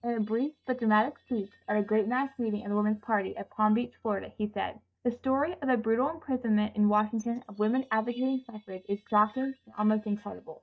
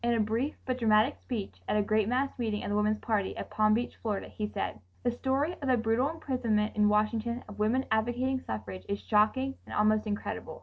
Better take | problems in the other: second | noise reduction (neural mask model DeepFilterNet 3)

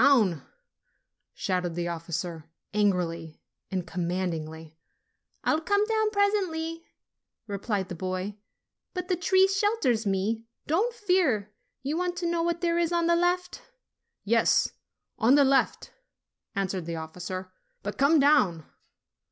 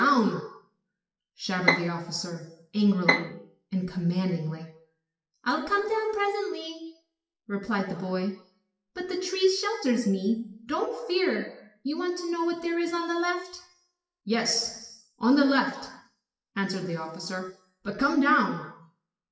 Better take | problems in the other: first | noise reduction (classical method WPE with log-MMSE)

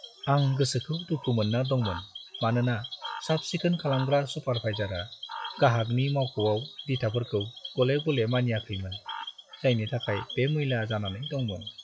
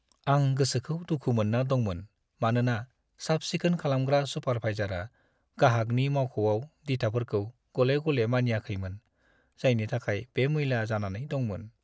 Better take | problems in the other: second | noise reduction (classical method log-MMSE)

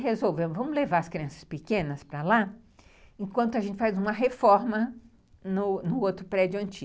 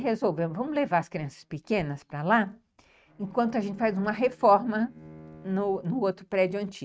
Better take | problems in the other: first | noise reduction (neural mask model RNNoise)

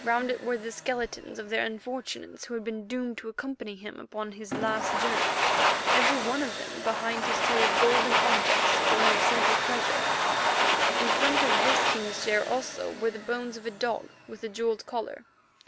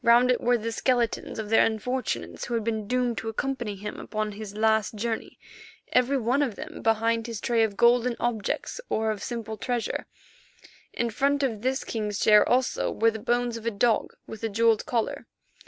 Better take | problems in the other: second | background sound (Domestic sounds, home sounds); 4 dB above the speech

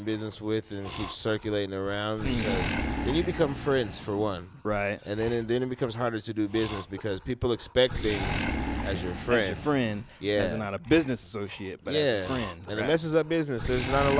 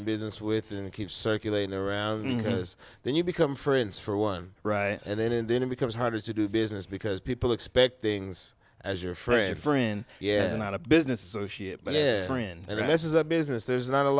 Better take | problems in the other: second | background sound (Animal); 8 dB below the speech

